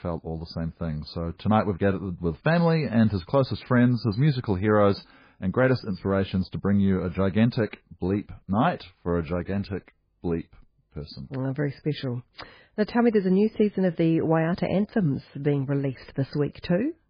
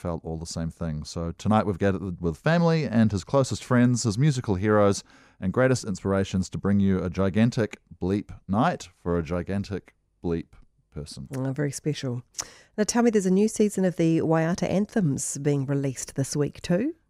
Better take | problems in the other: second | garbled, watery; badly

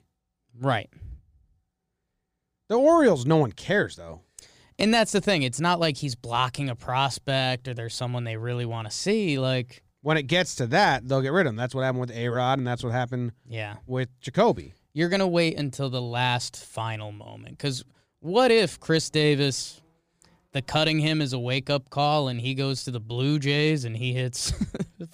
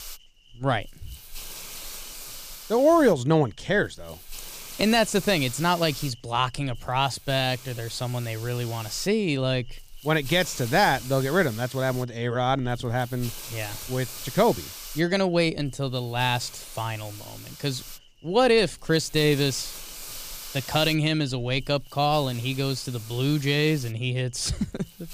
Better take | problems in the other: first | hiss; noticeable; throughout; 15 dB below the speech

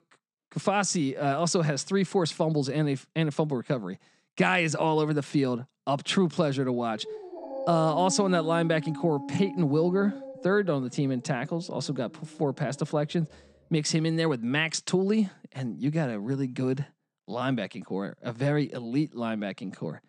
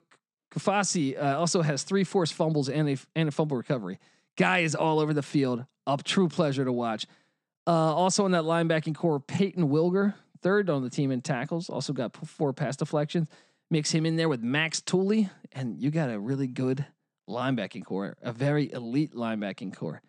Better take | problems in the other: second | dog barking; noticeable; from 7 to 13 s; peak 7 dB below the speech

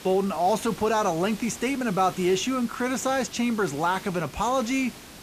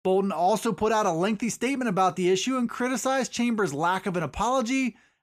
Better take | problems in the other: second | hiss; noticeable; throughout; 15 dB below the speech

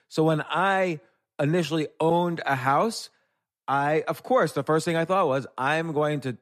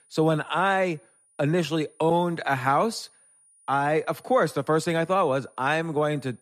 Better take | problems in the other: first | high-pitched whine; faint; throughout; 9.5 kHz, 30 dB below the speech

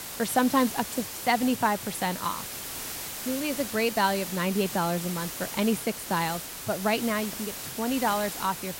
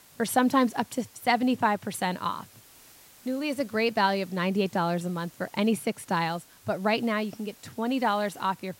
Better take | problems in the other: second | hiss; loud; throughout; 7 dB below the speech; faint in the second

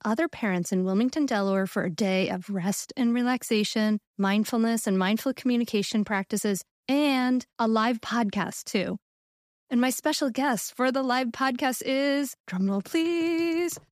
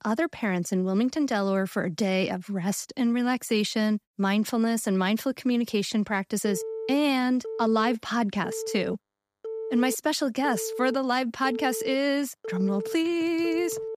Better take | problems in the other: first | phone ringing; noticeable; from 6.5 s on; peak 7 dB below the speech

